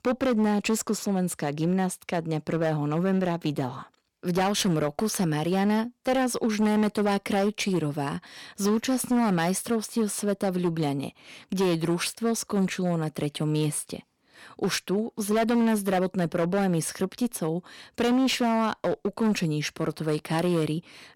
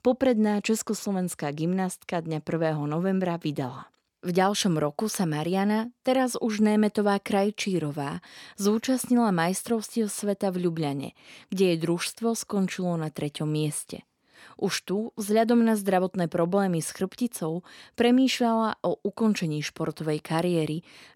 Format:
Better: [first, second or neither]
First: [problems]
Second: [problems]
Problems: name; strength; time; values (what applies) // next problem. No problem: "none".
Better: second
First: distortion; slight; 12% of the sound clipped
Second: none